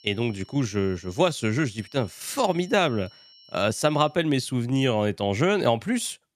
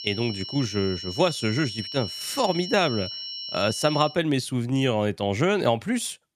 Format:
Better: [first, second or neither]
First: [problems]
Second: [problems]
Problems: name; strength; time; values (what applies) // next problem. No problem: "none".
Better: first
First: high-pitched whine; faint; until 4 s; 5.5 kHz, 25 dB below the speech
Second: high-pitched whine; loud; until 4 s; 5.5 kHz, 8 dB below the speech